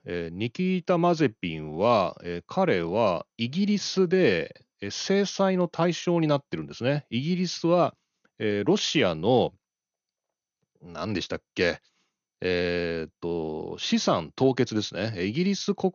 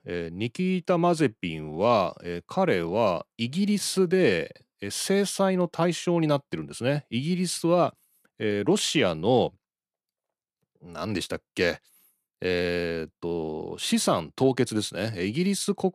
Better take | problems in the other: second | garbled, watery; slightly; nothing above 6.5 kHz

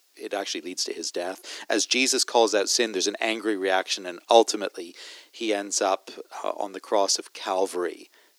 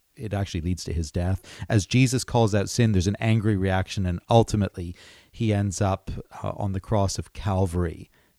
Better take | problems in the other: second | thin; very; fading below 300 Hz

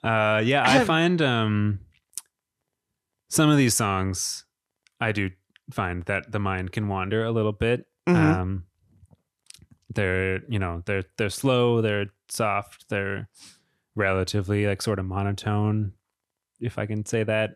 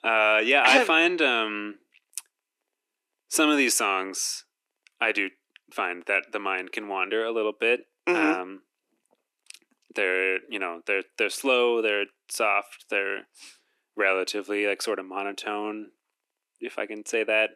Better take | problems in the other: first | thin; somewhat; fading below 300 Hz

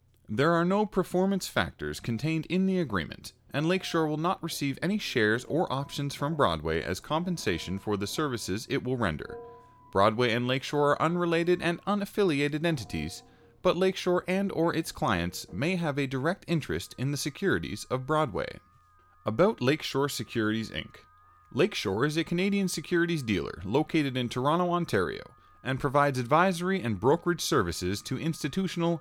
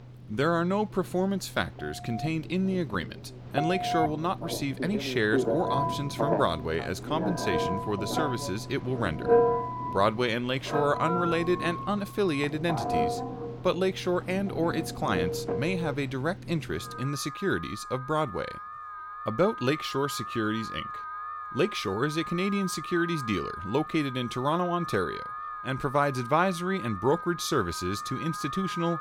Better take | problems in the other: first | alarms or sirens; loud; throughout; 4 dB below the speech; faint in the first

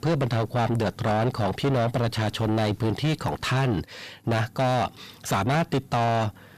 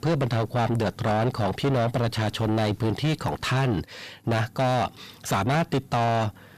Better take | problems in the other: neither | distortion; heavy; 5 dB below the speech; the same in both

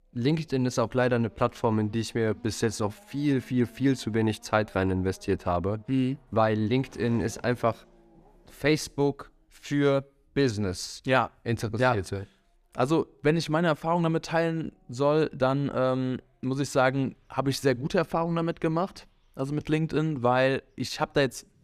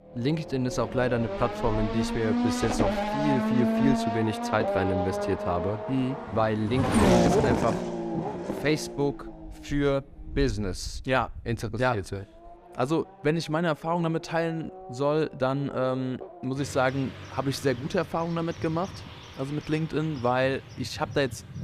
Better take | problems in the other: first | traffic noise; loud; throughout; 1 dB below the speech; faint in the first

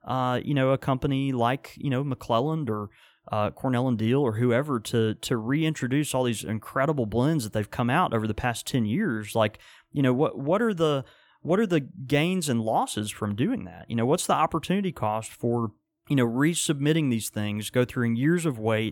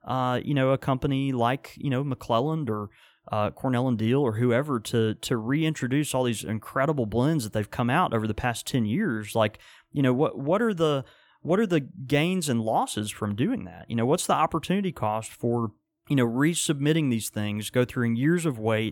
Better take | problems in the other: neither | none

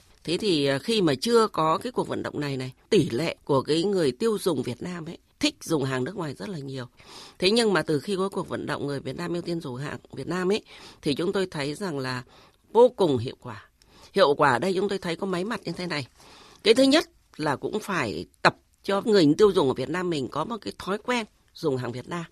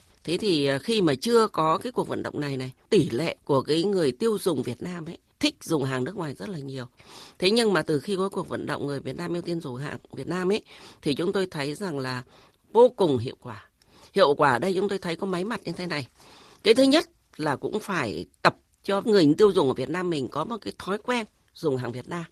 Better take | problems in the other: first | garbled, watery; slightly

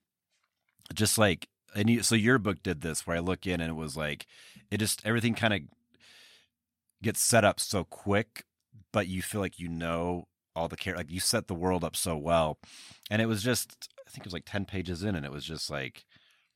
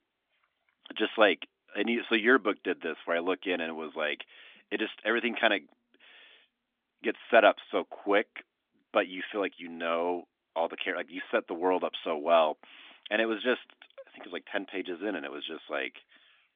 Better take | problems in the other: first | phone-call audio; nothing above 3.5 kHz

